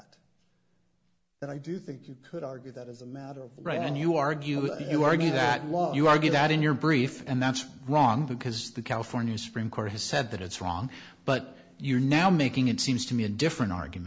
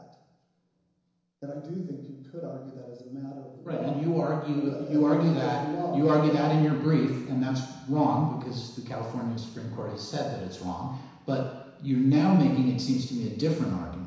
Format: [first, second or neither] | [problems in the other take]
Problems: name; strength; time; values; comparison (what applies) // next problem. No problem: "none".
first | room echo; dies away in 1 s